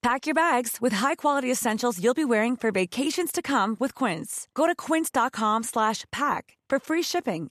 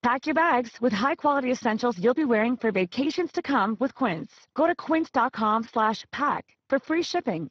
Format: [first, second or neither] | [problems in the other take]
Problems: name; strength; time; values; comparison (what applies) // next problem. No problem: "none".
first | garbled, watery; badly